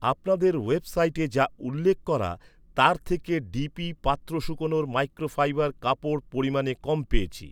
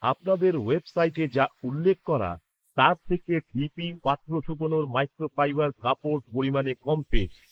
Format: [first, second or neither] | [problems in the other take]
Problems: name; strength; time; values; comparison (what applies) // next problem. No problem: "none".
first | noise reduction (neural mask model Resemble Enhance denoiser)